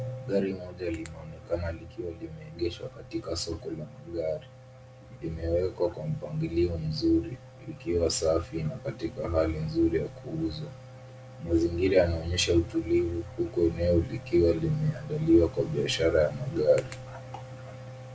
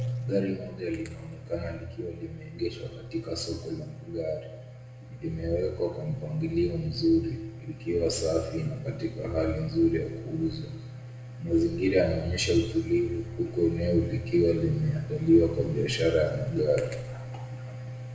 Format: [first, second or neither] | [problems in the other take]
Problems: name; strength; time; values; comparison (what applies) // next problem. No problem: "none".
first | room echo; dies away in 0.9 s